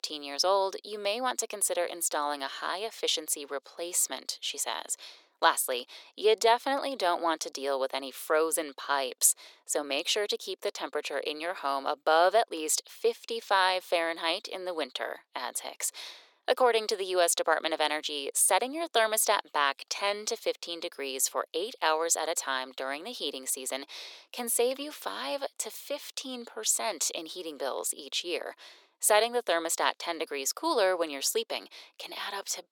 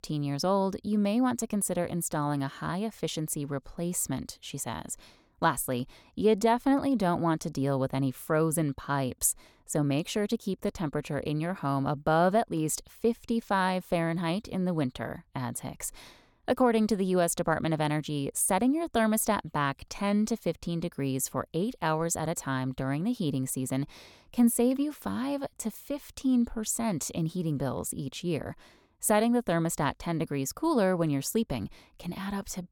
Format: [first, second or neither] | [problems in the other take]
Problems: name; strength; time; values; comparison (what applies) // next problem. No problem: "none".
second | thin; very; fading below 400 Hz